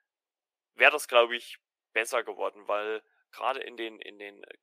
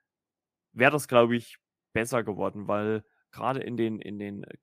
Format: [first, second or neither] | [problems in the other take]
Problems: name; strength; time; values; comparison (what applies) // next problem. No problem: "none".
second | thin; very; fading below 450 Hz